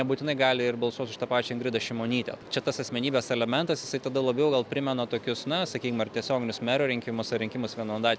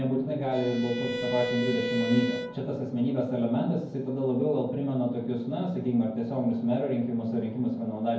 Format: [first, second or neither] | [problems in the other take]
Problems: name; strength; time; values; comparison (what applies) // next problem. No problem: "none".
first | background sound (Bowed string instrument); 5 dB below the speech // room echo; dies away in 0.9 s